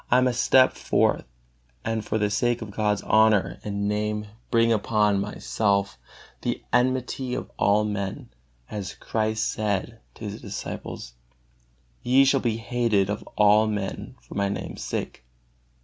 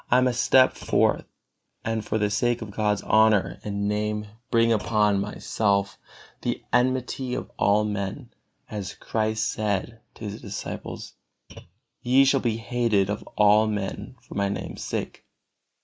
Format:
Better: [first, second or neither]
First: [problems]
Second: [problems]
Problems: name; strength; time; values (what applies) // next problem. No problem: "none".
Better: first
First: none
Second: noise reduction (neural mask model Resemble Enhance denoiser)